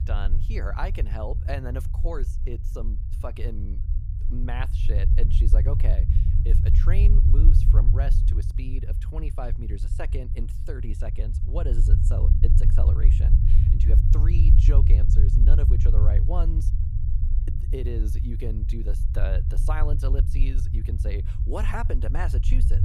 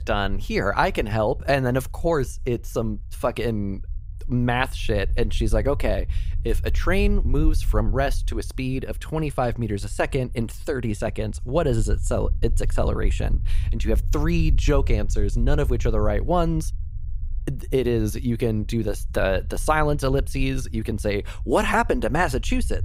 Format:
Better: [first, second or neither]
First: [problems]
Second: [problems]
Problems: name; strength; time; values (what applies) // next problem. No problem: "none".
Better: second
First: low rumble; loud; throughout; 4 dB below the speech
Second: low rumble; faint; throughout; 25 dB below the speech